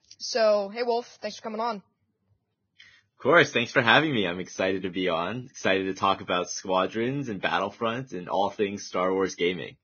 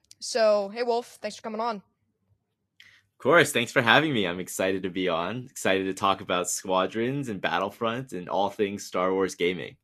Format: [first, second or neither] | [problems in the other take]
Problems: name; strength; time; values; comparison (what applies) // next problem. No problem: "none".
second | garbled, watery; badly; nothing above 6.5 kHz; slightly in the second